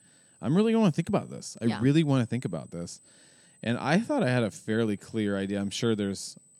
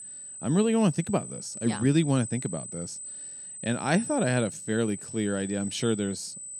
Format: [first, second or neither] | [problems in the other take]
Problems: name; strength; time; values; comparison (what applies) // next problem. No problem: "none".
first | high-pitched whine; loud; throughout; 8 kHz, 10 dB below the speech; faint in the first